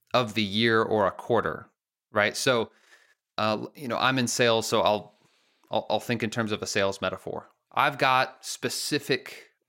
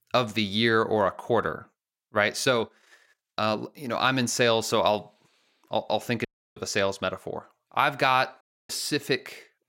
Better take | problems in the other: first | audio cutting out; at 6.5 s and at 8.5 s

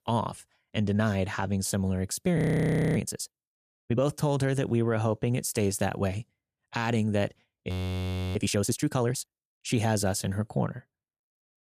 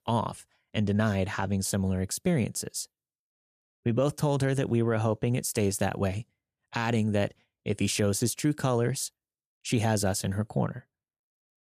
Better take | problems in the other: second | audio freezing; at 2.5 s for 0.5 s and at 7.5 s for 0.5 s

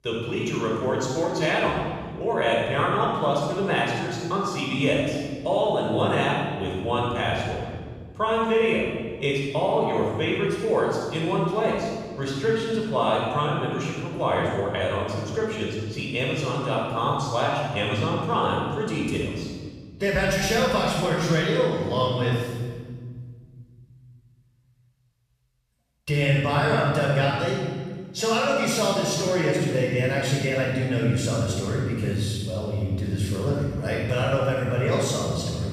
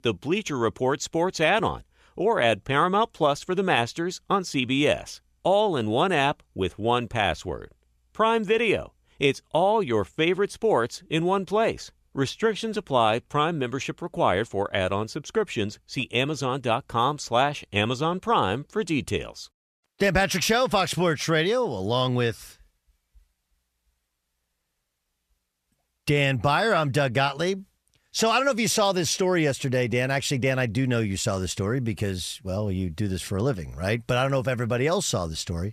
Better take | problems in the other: second | off-mic speech; far // room echo; strong; dies away in 1.7 s

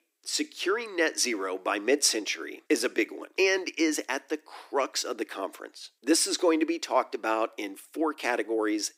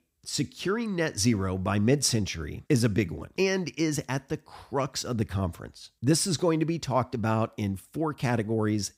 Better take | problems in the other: second | thin; very; fading below 300 Hz

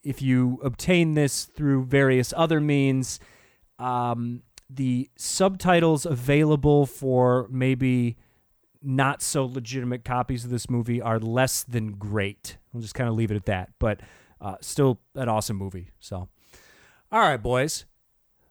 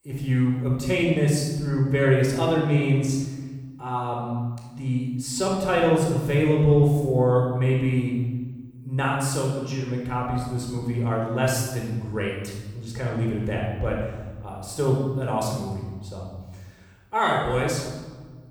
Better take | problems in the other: first | off-mic speech; somewhat distant // room echo; noticeable; dies away in 1.2 s

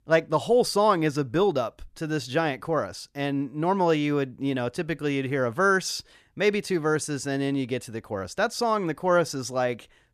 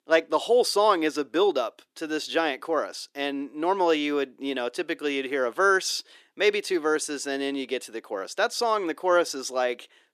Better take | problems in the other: first | thin; very slightly; fading below 300 Hz

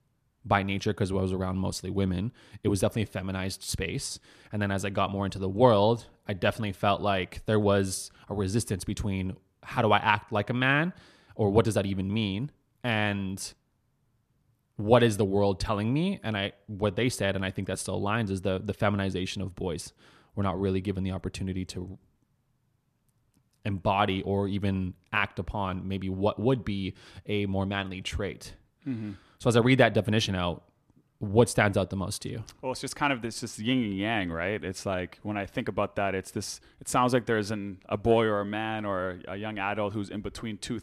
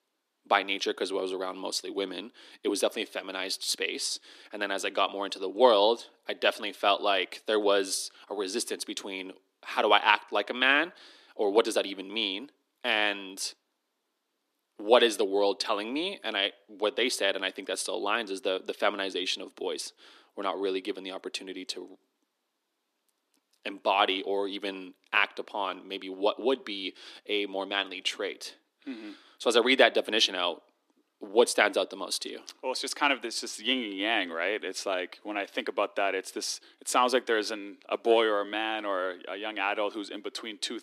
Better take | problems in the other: first | thin; somewhat; fading below 300 Hz

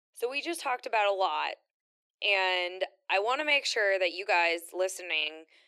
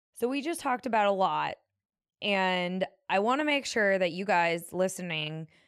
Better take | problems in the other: second | thin; very; fading below 350 Hz

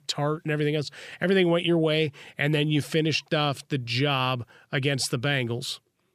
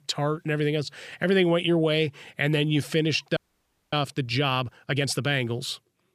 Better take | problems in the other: first | audio freezing; at 3.5 s for 0.5 s

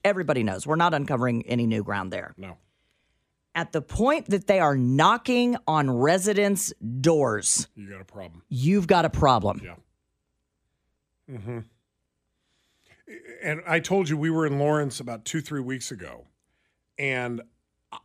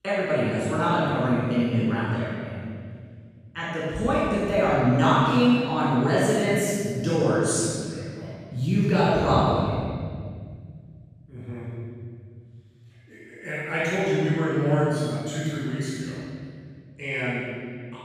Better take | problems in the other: first | off-mic speech; far // room echo; strong; dies away in 2.5 s

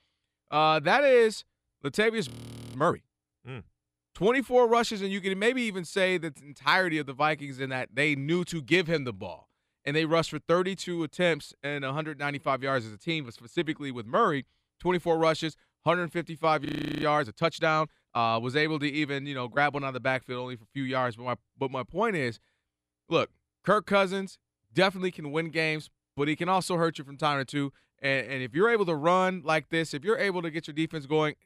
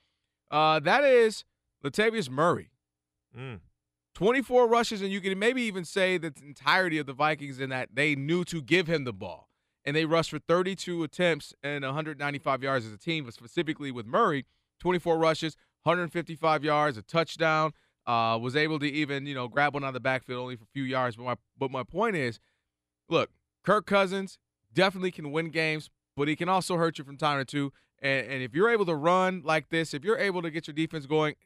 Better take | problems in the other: second | audio freezing; at 2.5 s and at 17 s

